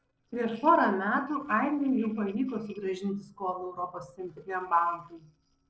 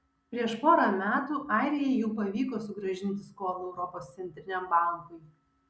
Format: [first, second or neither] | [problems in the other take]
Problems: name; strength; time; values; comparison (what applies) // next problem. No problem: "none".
second | noise reduction (neural separator model SepFormer DNS4)